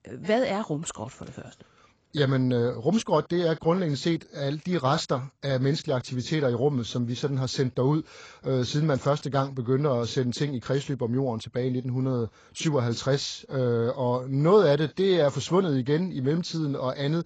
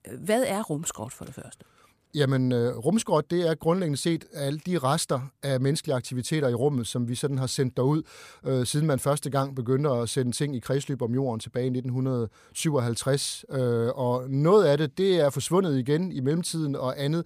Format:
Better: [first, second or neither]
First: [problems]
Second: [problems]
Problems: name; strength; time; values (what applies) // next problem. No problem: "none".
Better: second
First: garbled, watery; badly; nothing above 8 kHz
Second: none